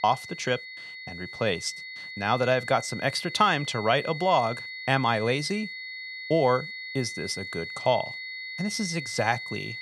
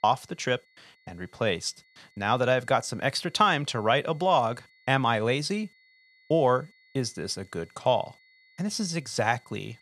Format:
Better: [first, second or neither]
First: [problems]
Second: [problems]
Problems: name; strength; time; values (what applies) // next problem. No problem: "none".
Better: second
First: high-pitched whine; loud; throughout; 2 kHz, 9 dB below the speech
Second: high-pitched whine; faint; throughout; 2 kHz, 30 dB below the speech